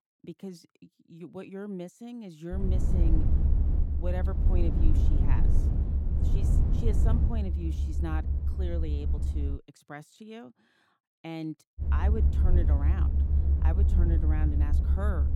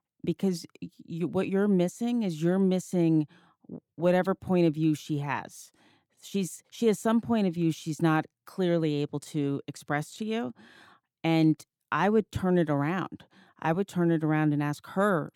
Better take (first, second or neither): second